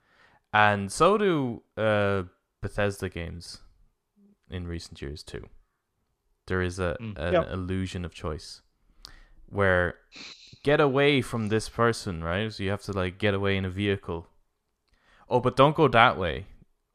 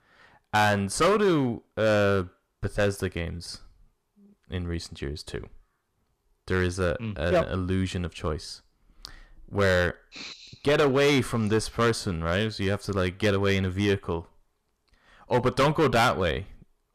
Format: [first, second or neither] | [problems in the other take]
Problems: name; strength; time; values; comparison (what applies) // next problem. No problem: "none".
first | distortion; heavy; 5% of the sound clipped